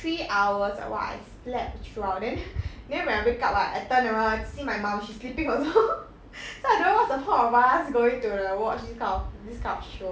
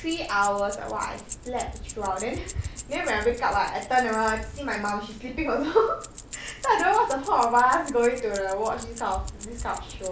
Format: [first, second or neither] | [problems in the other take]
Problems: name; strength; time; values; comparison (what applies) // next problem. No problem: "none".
first | background sound (Keys jangling); 16 dB below the speech